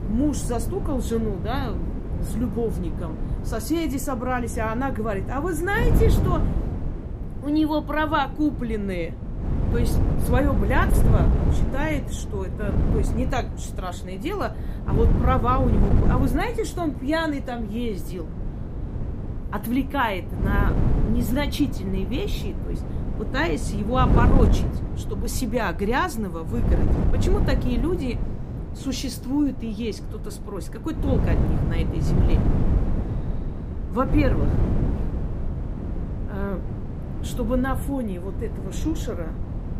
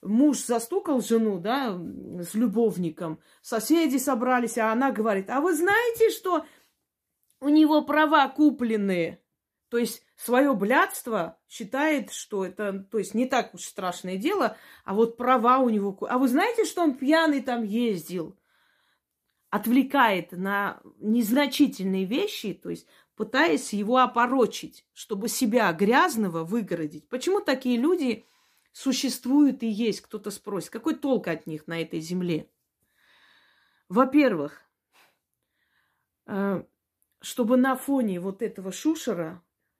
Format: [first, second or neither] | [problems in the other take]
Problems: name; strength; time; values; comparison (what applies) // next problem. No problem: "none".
second | wind noise on the microphone; heavy; 8 dB below the speech